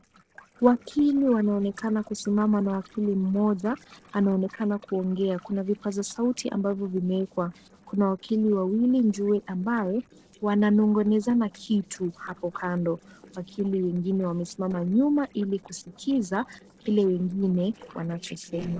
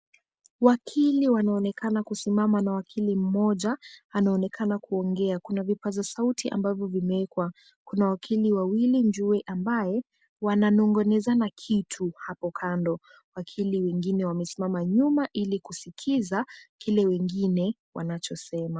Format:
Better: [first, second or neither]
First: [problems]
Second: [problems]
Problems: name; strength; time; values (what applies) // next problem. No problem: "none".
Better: second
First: noise reduction (neural separator model SepFormer DNS4)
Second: none